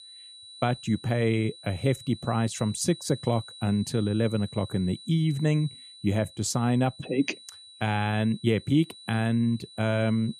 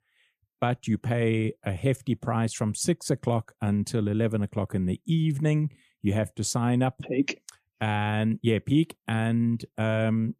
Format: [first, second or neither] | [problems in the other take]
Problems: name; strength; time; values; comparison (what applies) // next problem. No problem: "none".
second | high-pitched whine; noticeable; throughout; 4 kHz, 15 dB below the speech